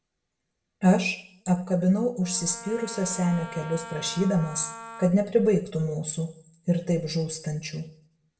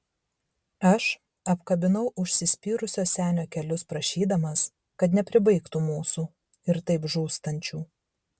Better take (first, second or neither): second